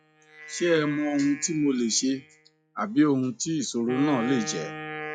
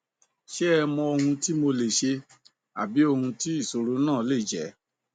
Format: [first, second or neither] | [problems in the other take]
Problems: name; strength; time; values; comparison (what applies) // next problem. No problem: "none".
second | noise reduction (classical method log-MMSE)